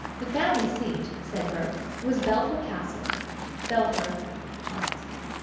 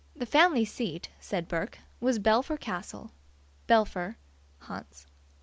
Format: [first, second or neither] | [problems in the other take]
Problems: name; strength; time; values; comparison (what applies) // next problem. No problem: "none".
second | background sound (Waves, surf); 6 dB below the speech // room echo; dies away in 1.2 s